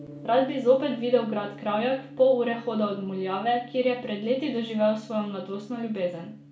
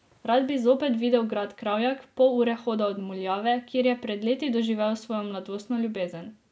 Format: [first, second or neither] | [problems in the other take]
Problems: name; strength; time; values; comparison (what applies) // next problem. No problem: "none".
second | background sound (Gong); 19 dB below the speech // room echo; dies away in 0.4 s